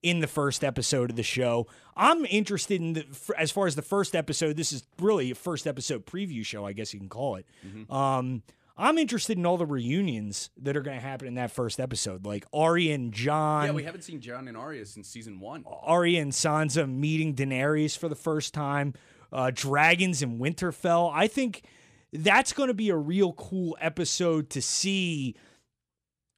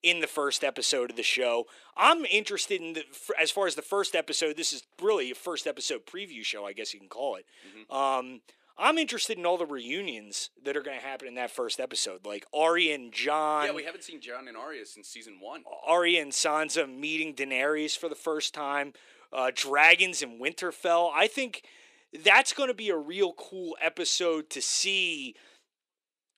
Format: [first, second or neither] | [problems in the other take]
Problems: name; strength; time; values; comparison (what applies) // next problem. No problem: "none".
first | thin; somewhat; fading below 350 Hz